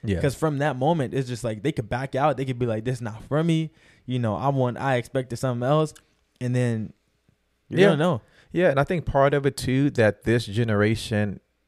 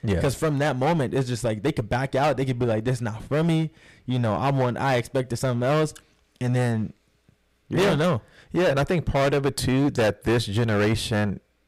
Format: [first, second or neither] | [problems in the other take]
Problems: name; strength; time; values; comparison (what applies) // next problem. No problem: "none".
first | distortion; heavy; 14% of the sound clipped